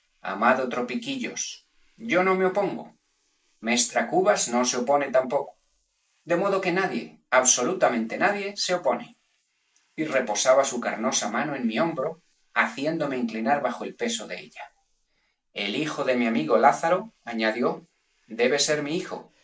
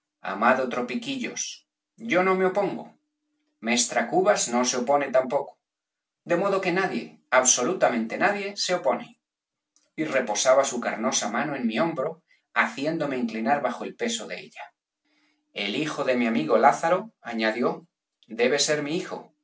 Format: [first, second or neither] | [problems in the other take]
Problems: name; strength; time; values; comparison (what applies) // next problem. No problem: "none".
second | noise reduction (neural mask model Resemble Enhance denoiser)